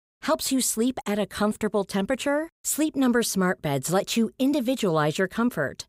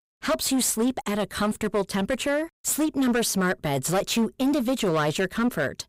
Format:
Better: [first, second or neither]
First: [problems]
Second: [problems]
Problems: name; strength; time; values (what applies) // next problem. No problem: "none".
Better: first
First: none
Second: distortion; slight; 13% of the sound clipped